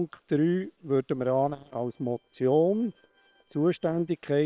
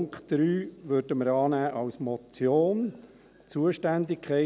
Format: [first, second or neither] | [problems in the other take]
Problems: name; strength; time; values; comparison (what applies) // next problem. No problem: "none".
second | noise reduction (neural separator model SepFormer WHAM!)